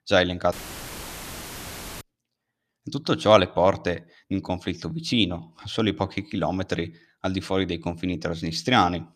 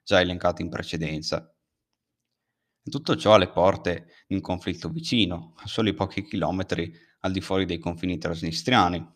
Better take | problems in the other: second | audio cutting out; filled with static; at 0.5 s for 1.5 s

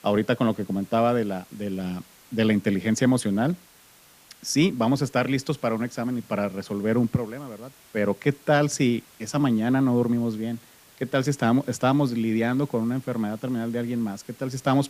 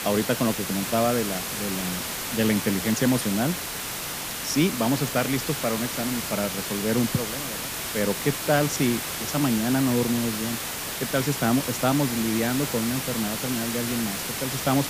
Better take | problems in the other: first | hiss; loud; throughout; 3 dB below the speech; faint in the first

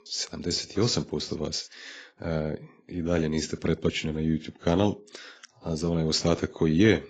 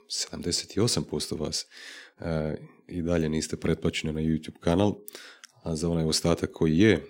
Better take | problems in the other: second | garbled, watery; badly; nothing above 7.5 kHz

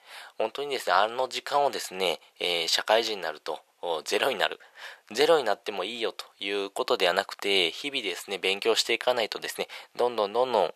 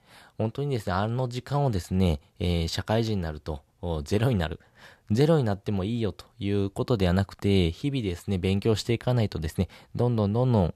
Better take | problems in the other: second | thin; very; fading below 550 Hz

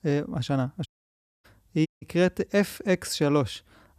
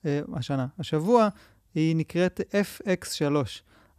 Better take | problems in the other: second | audio cutting out; at 1 s for 0.5 s and at 2 s

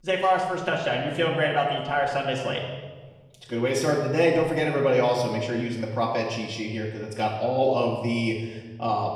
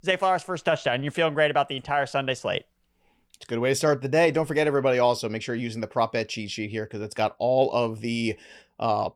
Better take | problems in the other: second | off-mic speech; far // room echo; noticeable; dies away in 1.3 s

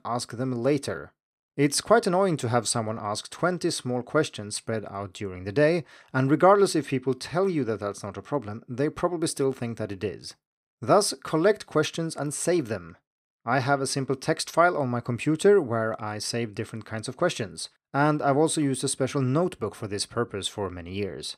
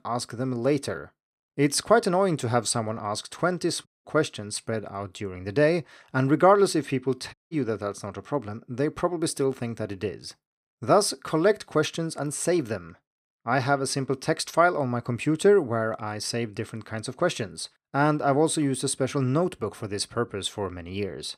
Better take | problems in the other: first | audio cutting out; at 4 s and at 7.5 s

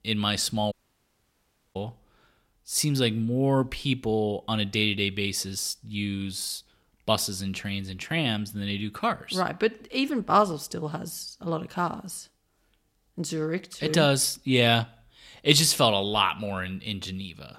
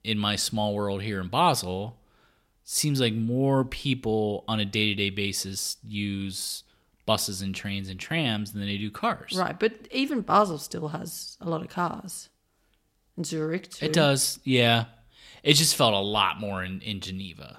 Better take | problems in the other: second | audio cutting out; at 0.5 s for 1 s

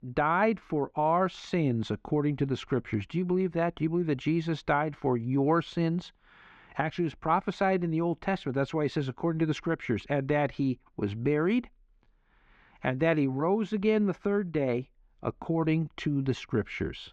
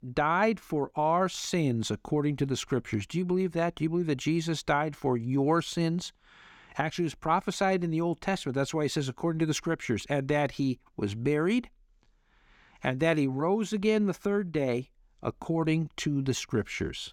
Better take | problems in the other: second | muffled; slightly; fading above 2.5 kHz

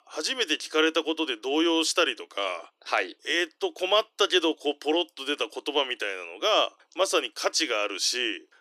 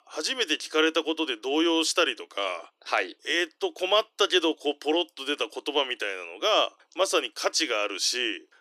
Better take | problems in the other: neither | thin; very; fading below 300 Hz; the same in both

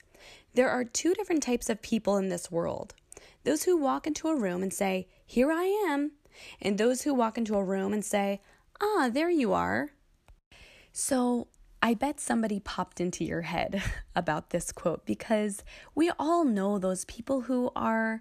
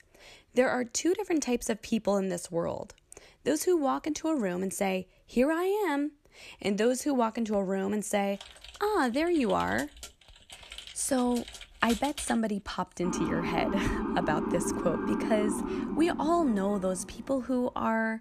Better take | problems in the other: first | keyboard typing; noticeable; from 8.5 to 12 s; peak 8 dB below the speech // siren; noticeable; from 13 to 17 s; peak 2 dB below the speech

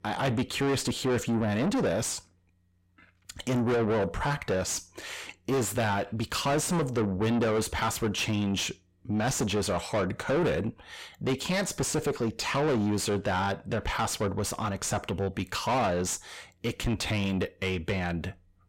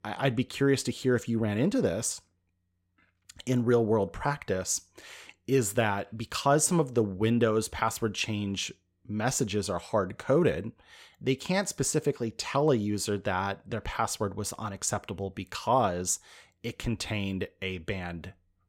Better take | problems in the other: second | distortion; heavy; 5 dB below the speech

